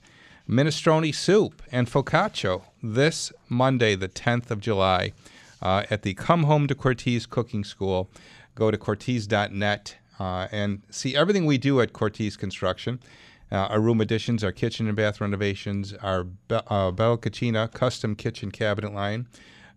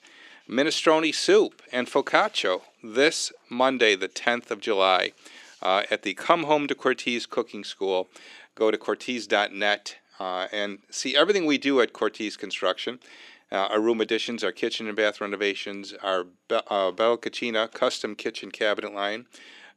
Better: first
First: none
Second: thin; somewhat; fading below 300 Hz

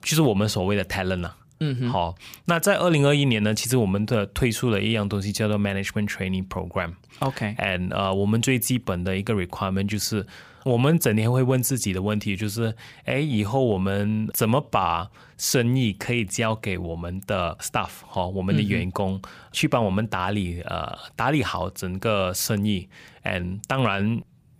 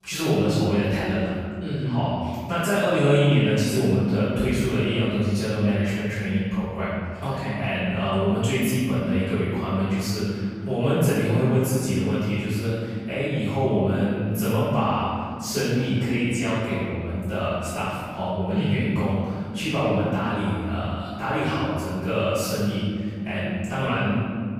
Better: first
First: none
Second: off-mic speech; far // room echo; strong; dies away in 2.2 s

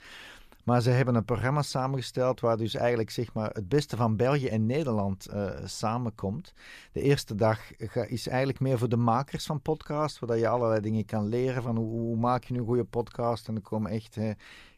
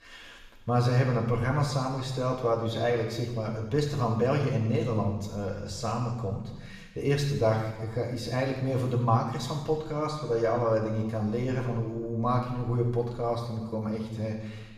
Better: first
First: none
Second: room echo; noticeable; dies away in 1.1 s // off-mic speech; far

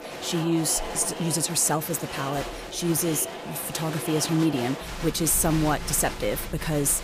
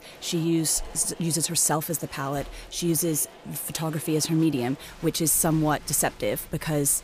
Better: second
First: crowd noise; loud; throughout; 9 dB below the speech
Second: crowd noise; faint; throughout; 20 dB below the speech

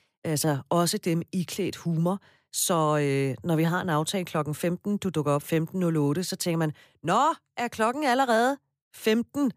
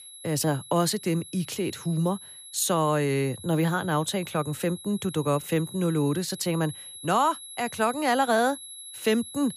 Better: first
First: none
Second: high-pitched whine; noticeable; throughout; 11 kHz, 15 dB below the speech

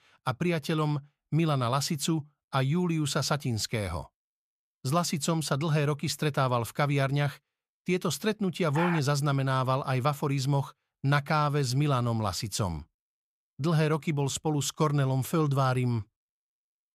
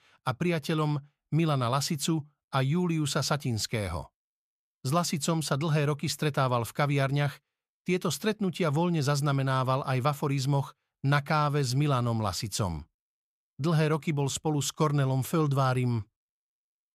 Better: second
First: dog barking; noticeable; at 9 s; peak 5 dB below the speech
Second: none

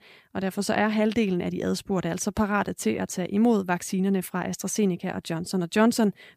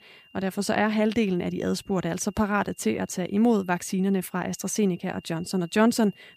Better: first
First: none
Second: high-pitched whine; faint; throughout; 3 kHz, 30 dB below the speech

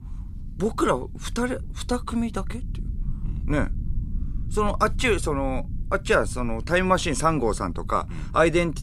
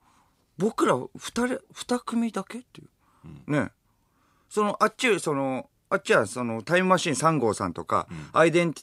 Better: second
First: low rumble; faint; throughout; 25 dB below the speech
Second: none

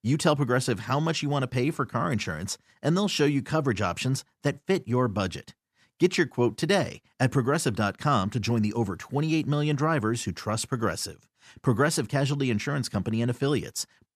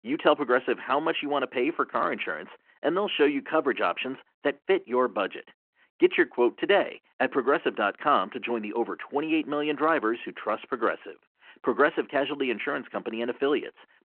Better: first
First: none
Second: phone-call audio

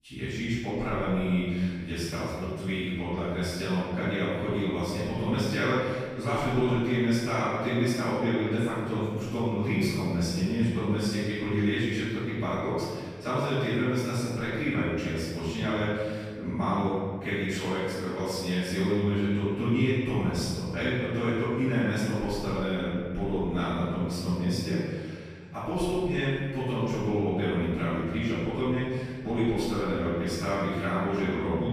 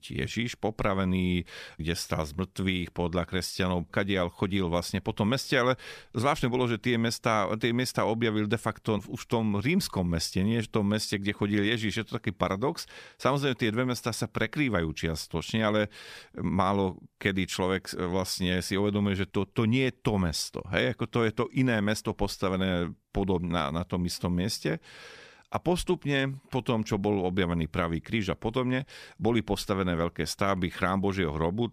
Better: second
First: off-mic speech; far // room echo; strong; dies away in 1.7 s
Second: none

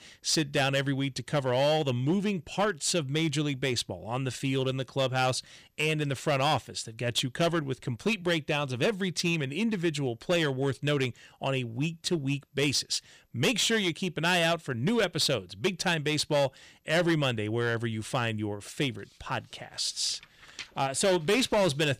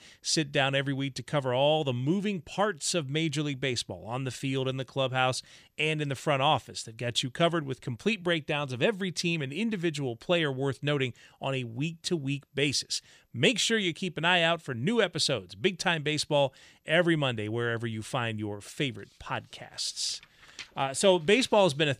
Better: second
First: distortion; slight; 6% of the sound clipped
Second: none

